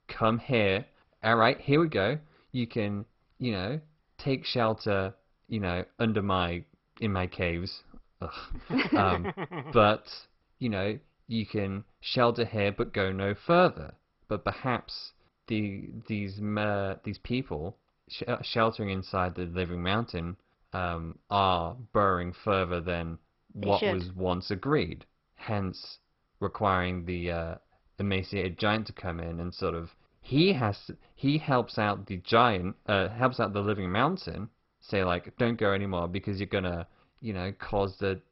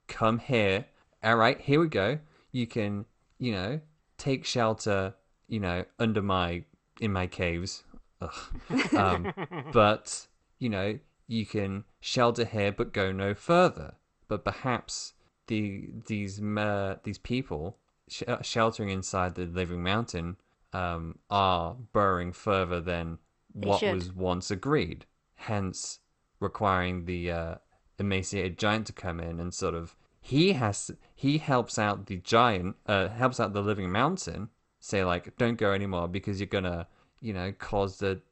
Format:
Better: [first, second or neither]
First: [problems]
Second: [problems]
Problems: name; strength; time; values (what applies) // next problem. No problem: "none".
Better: second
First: garbled, watery; badly; nothing above 5.5 kHz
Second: garbled, watery; slightly; nothing above 8 kHz